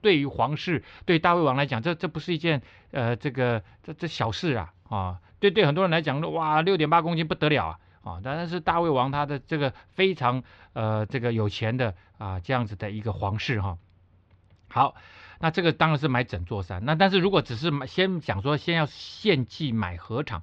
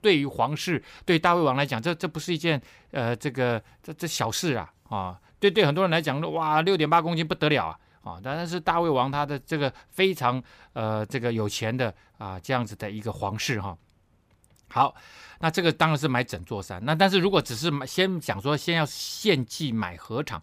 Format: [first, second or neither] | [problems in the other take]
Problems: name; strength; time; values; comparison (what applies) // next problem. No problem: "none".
second | muffled; very slightly; fading above 4 kHz